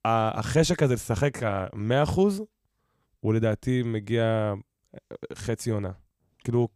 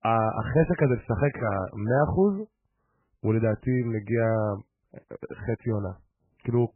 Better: first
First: none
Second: garbled, watery; badly; nothing above 2.5 kHz

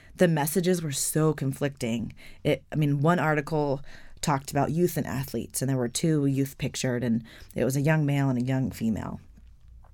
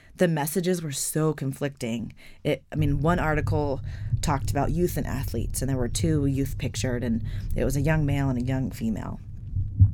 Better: first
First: none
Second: low rumble; noticeable; from 3 s on; 15 dB below the speech

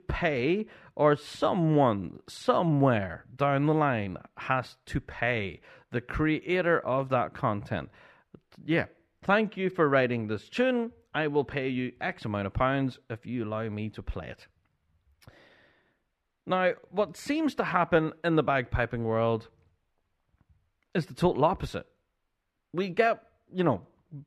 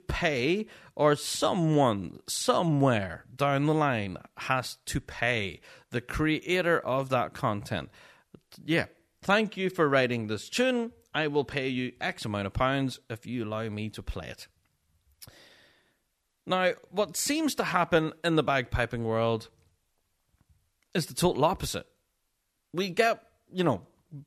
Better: second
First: muffled; slightly; fading above 4 kHz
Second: none

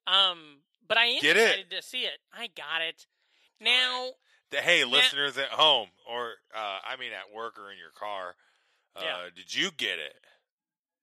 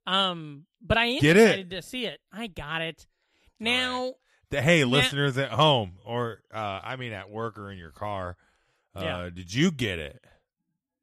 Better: second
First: thin; very; fading below 500 Hz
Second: none

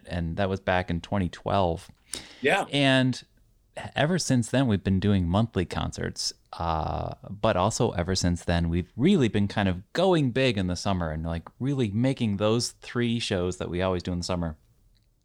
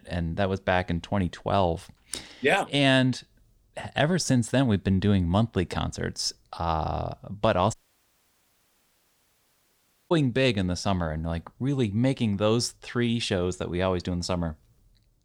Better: first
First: none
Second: audio cutting out; at 7.5 s for 2.5 s

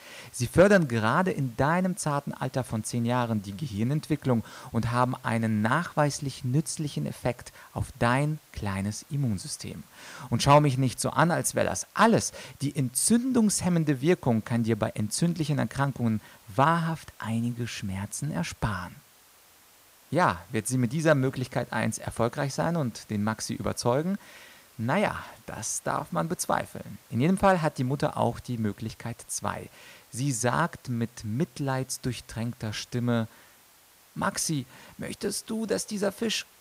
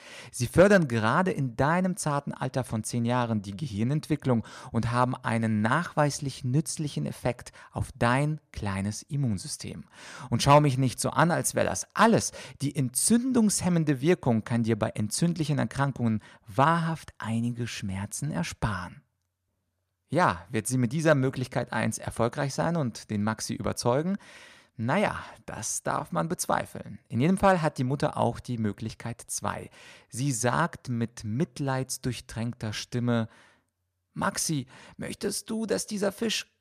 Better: second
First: hiss; faint; throughout; 25 dB below the speech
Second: none

